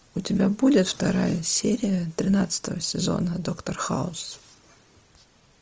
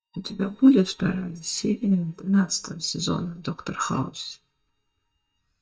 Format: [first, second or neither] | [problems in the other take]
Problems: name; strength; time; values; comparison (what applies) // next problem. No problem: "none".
first | noise reduction (neural mask model DeepFilterNet 3)